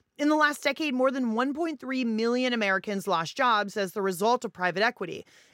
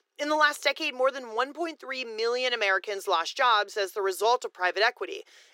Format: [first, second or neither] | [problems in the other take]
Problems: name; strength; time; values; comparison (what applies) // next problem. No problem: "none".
first | thin; very; fading below 350 Hz